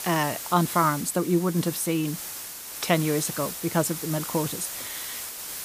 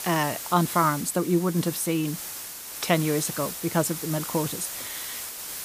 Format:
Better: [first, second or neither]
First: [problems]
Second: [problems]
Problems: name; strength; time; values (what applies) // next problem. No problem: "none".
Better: neither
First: hiss; loud; throughout; 7 dB below the speech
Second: hiss; loud; throughout; 7 dB below the speech